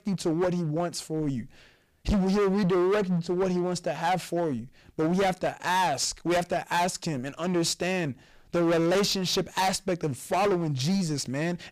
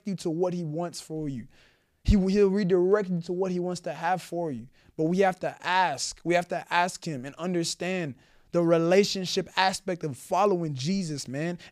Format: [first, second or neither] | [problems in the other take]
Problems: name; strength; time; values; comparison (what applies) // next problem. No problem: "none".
second | distortion; heavy; 18% of the sound clipped